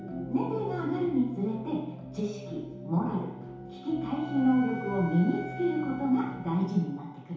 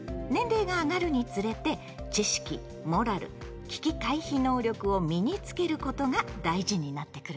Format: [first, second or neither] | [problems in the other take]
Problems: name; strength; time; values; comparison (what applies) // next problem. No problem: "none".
second | background sound (Wind instrument, woodwind instrument); 17 dB below the speech // room echo; dies away in 0.8 s